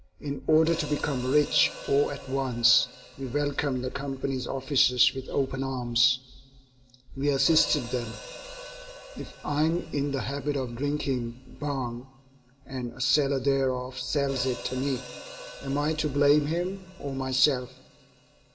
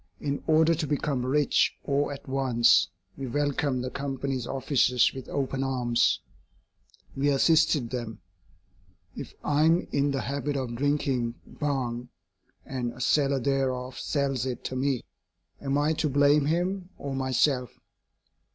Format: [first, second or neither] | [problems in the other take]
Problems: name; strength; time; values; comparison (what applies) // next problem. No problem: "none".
second | background sound (Hi-hat); 17 dB below the speech // room echo; dies away in 0.5 s